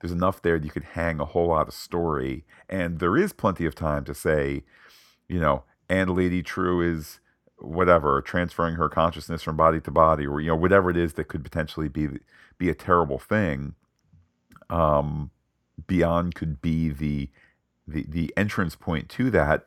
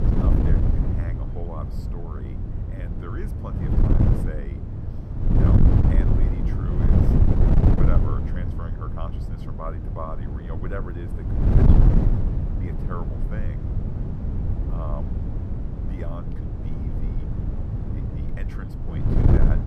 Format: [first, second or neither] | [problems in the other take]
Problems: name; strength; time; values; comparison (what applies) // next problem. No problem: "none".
first | wind noise on the microphone; heavy; 5 dB above the speech